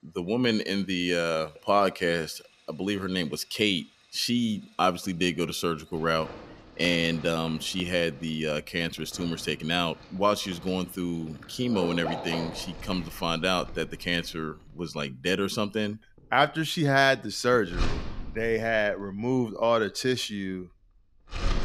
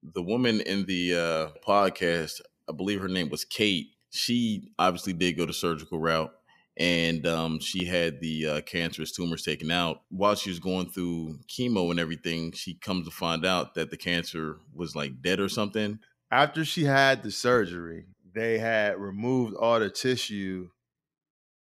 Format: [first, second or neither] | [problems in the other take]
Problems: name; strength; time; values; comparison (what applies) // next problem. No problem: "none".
second | household noises; noticeable; throughout; 15 dB below the speech